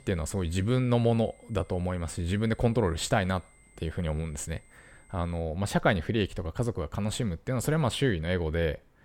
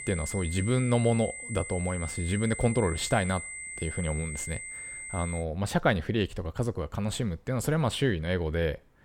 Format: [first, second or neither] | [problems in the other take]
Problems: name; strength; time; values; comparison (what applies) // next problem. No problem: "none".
first | high-pitched whine; loud; until 5.5 s; 2 kHz, 8 dB below the speech; faint in the first